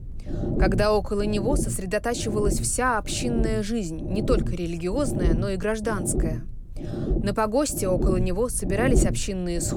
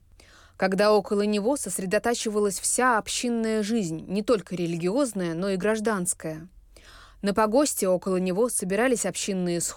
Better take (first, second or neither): second